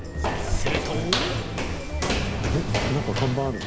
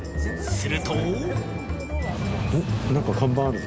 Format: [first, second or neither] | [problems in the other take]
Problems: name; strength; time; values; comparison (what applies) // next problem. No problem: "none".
second | background sound (Walk, footsteps); 1 dB below the speech